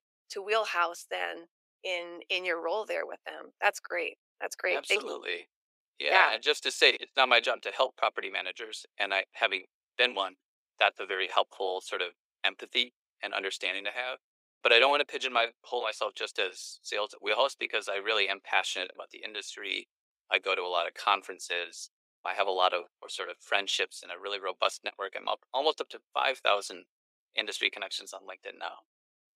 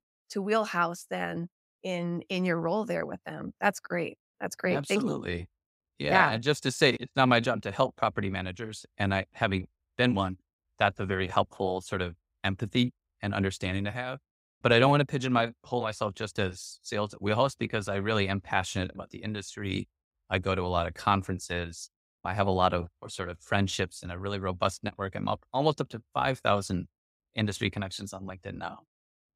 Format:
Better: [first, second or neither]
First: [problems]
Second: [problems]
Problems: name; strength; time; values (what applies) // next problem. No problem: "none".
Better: second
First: thin; very; fading below 400 Hz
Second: none